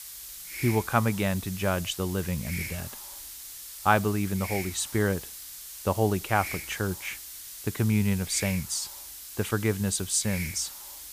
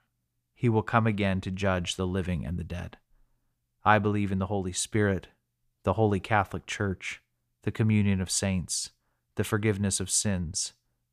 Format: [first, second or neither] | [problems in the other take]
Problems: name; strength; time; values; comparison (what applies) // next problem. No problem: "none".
second | hiss; loud; throughout; 9 dB below the speech